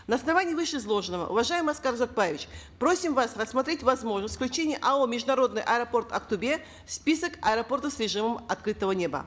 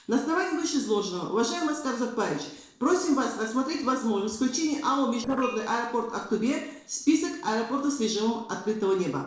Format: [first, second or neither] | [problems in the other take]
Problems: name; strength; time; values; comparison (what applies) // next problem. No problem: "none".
first | noise reduction (neural separator model SepFormer DNS4)